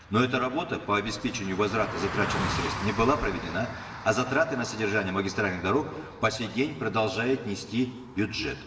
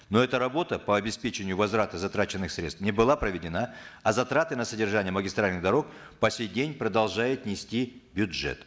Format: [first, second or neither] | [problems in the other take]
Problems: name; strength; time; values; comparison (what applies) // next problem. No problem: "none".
second | background sound (Car passing by); 10 dB below the speech // room echo; dies away in 1.9 s